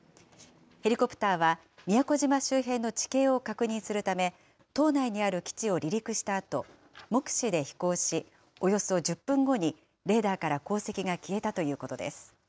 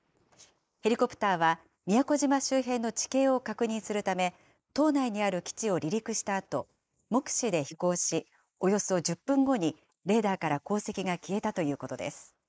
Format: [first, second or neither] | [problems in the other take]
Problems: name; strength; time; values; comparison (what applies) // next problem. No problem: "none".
first | noise reduction (neural mask model Resemble Enhance denoiser)